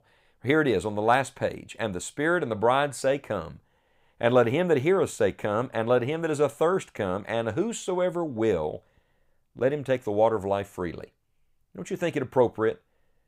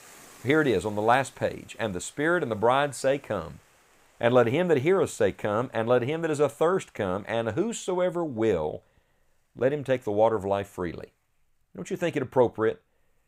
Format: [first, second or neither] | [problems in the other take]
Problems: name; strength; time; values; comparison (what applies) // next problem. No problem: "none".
first | hiss; faint; throughout; 30 dB below the speech